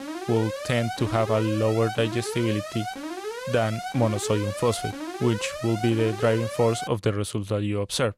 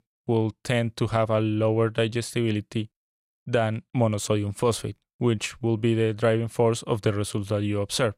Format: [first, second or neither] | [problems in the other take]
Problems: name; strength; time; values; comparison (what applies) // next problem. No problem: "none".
second | alarm; noticeable; until 7 s; peak 7 dB below the speech